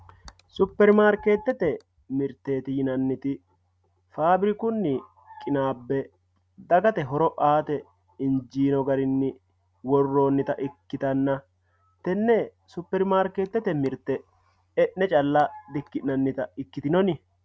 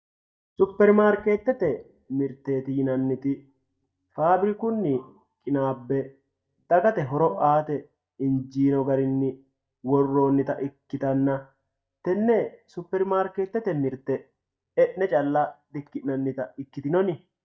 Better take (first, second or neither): first